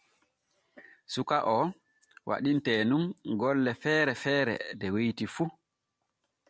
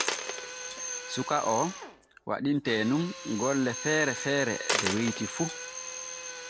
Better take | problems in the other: first | background sound (Drill + Coin (dropping)); 5 dB below the speech

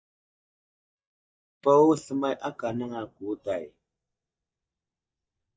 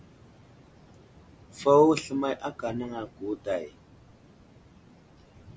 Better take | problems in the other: second | noise reduction (neural mask model DeepFilterNet 3)

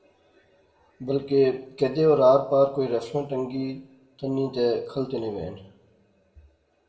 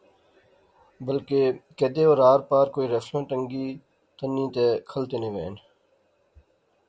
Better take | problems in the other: second | room echo; dies away in 0.6 s

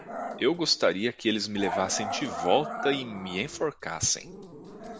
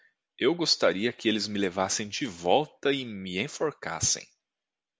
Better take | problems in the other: second | background sound (Growling); 9 dB below the speech

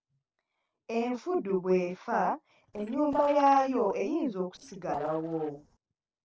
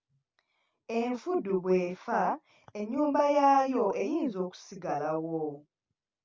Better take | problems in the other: second | noise reduction (neural separator model SepFormer DNS4)

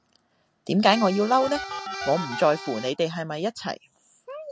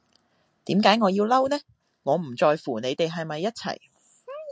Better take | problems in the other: second | background sound (Telephone + Accordion); 12 dB below the speech

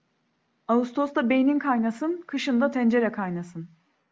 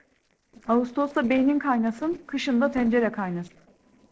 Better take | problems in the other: first | noise reduction (neural separator model SepFormer DNS4)

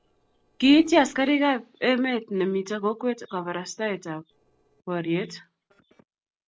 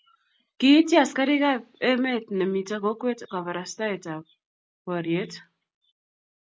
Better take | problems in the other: second | noise reduction (neural separator model SepFormer DNS4)

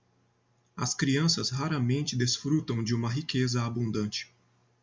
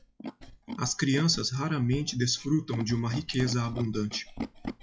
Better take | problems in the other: first | noise reduction (classical method log-MMSE)

